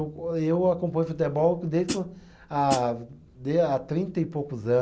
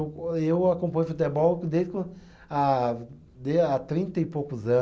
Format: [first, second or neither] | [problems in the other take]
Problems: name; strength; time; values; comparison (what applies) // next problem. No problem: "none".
second | background sound (Hi-hat); 7 dB below the speech